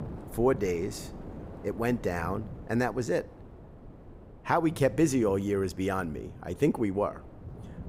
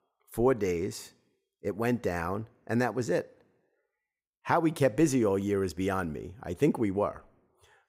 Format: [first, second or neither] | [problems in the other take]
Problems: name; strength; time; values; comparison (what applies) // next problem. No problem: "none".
second | wind noise on the microphone; occasional gusts; 20 dB below the speech